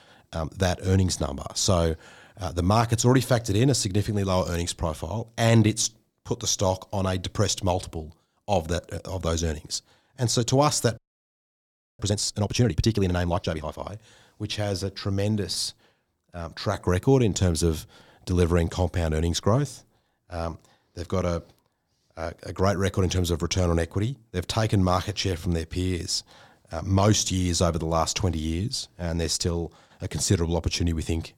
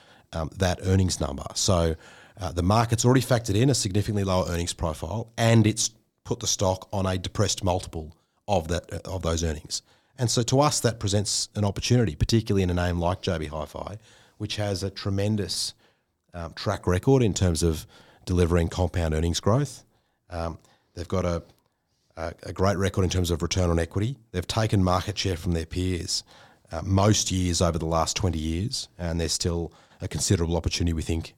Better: second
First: audio freezing; at 11 s for 1 s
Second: none

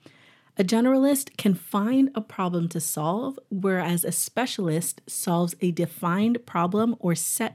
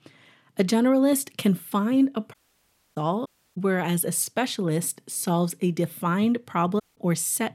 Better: first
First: none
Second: audio cutting out; at 2.5 s for 0.5 s, at 3.5 s and at 7 s

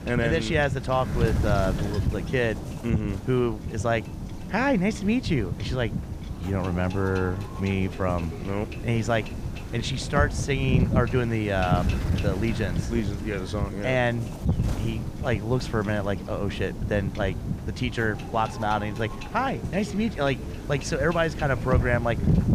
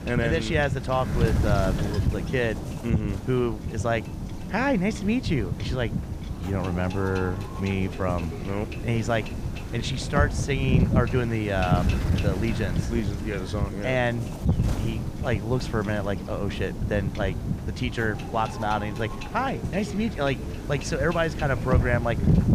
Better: first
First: wind noise on the microphone; occasional gusts; 10 dB below the speech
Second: wind noise on the microphone; heavy; 8 dB below the speech

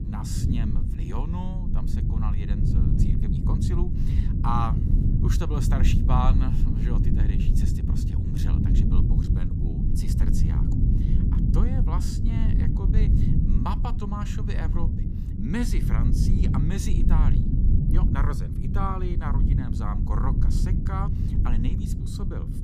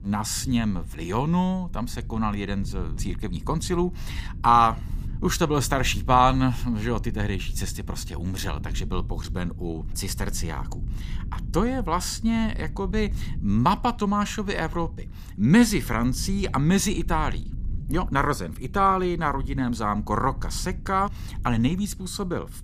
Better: second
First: low rumble; loud; throughout; 2 dB below the speech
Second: low rumble; faint; throughout; 25 dB below the speech

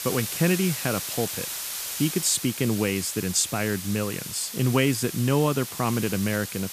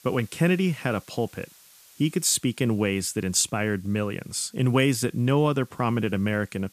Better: second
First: hiss; loud; throughout; 6 dB below the speech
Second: hiss; faint; throughout; 30 dB below the speech

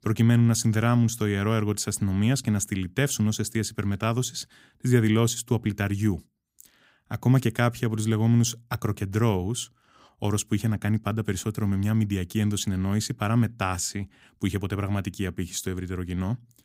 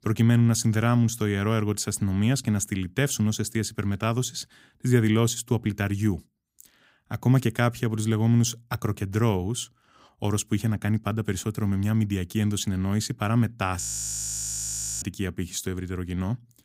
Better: first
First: none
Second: audio freezing; at 14 s for 1 s

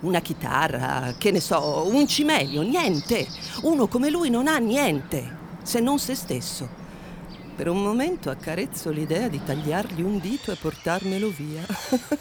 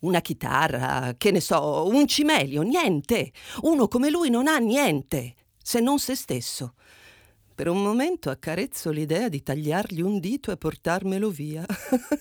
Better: second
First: animal sounds; noticeable; throughout; 15 dB below the speech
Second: none

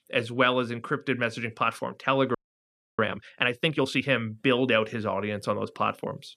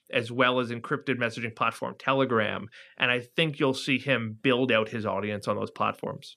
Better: second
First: audio freezing; at 2.5 s for 0.5 s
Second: none

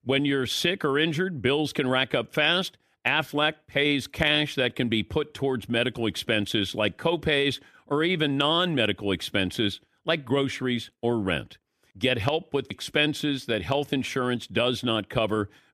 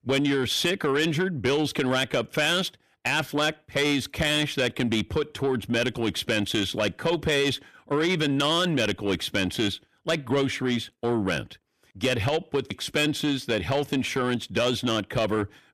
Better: first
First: none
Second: distortion; slight; 10 dB below the speech

